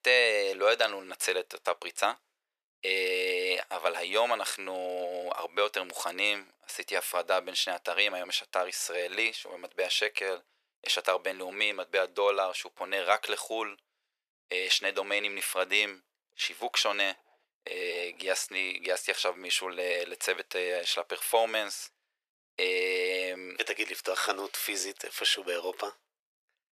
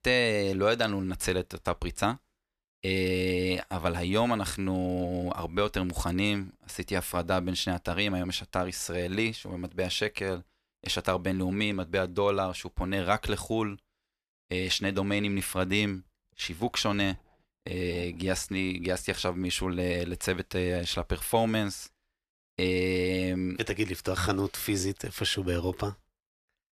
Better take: second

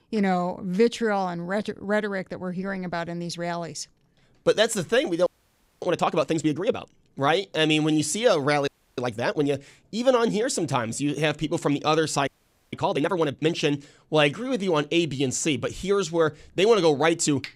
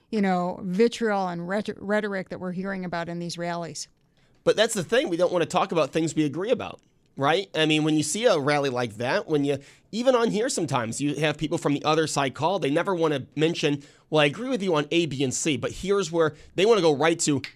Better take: second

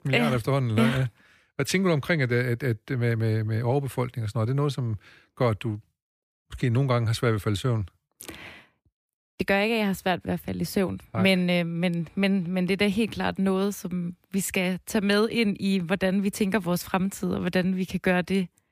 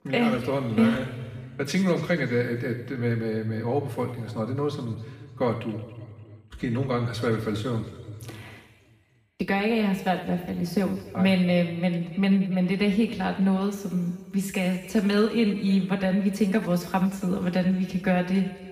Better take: first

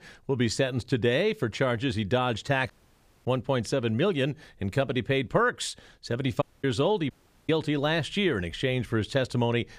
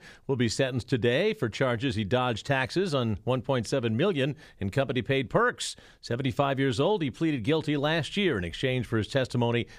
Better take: second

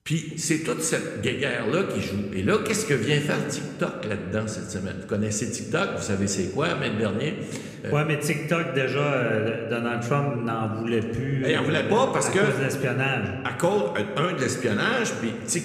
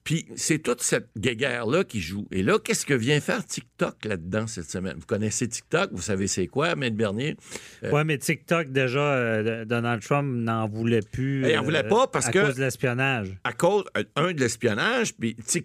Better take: second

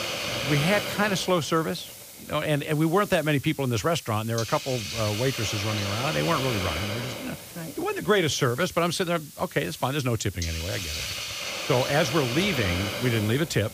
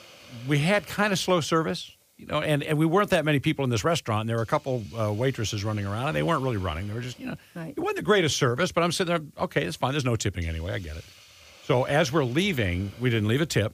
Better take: second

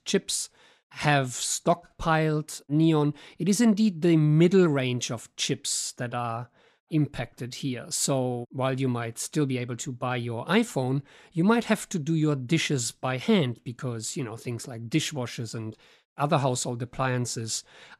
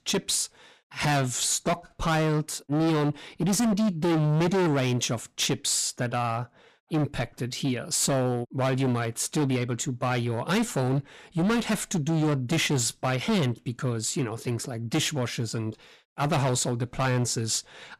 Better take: first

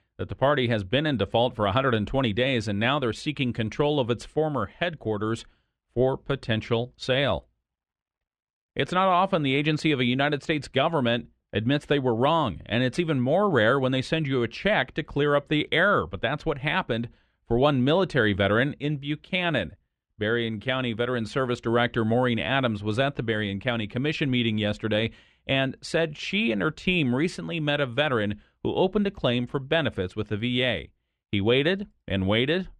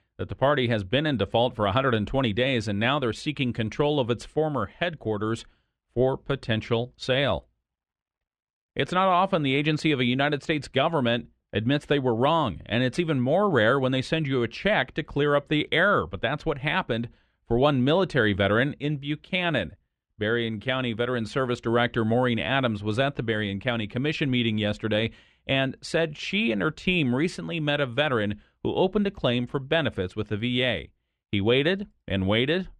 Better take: neither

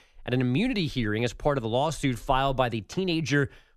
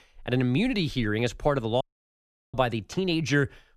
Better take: first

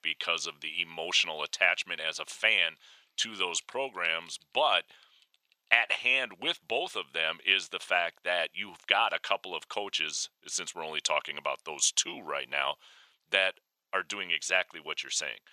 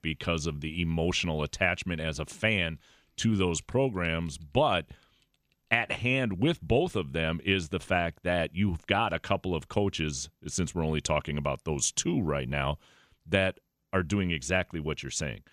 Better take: second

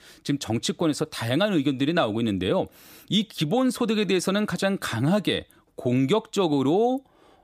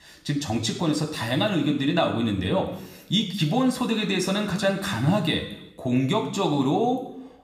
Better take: first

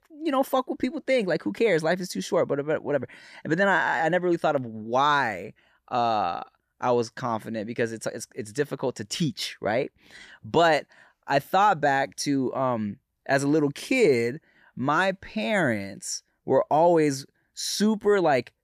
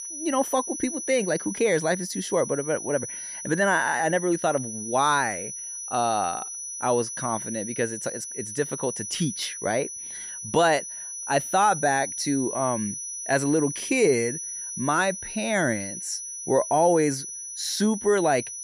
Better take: first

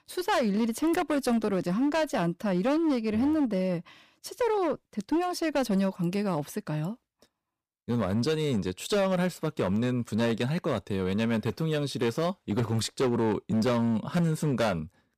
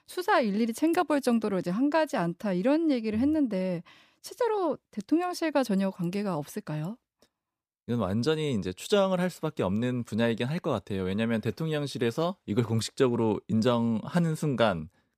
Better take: second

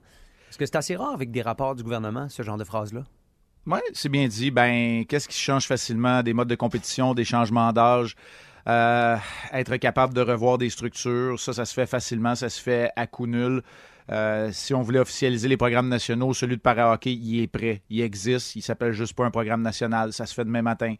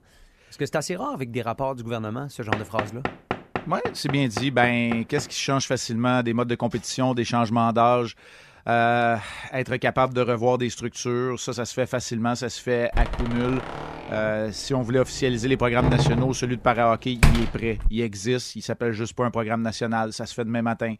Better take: first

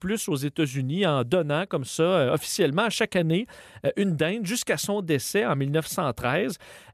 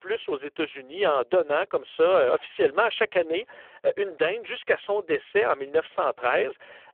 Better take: first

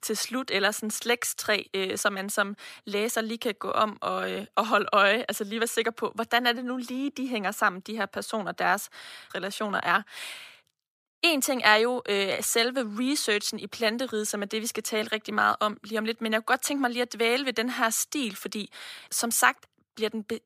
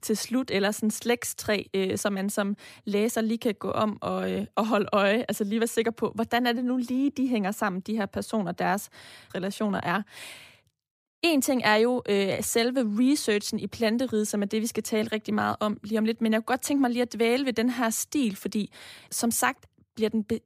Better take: second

